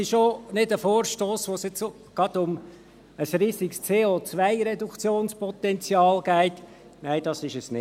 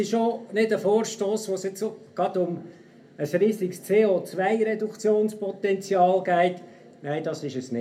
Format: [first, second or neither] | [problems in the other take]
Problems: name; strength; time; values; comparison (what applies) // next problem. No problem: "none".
first | room echo; dies away in 0.3 s